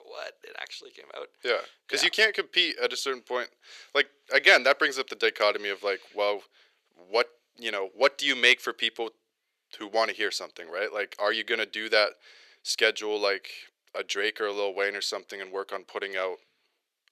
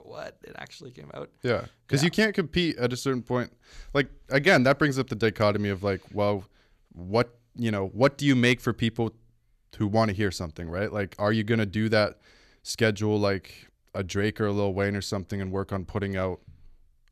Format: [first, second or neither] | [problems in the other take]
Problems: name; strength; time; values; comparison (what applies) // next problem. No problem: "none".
second | thin; very; fading below 400 Hz